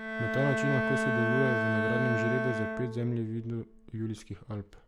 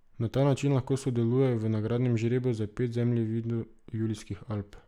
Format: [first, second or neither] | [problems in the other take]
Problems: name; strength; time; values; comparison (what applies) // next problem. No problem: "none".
second | background sound (Bowed string instrument); as loud as the speech